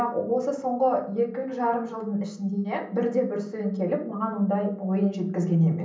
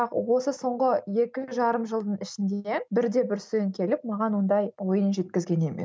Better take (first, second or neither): second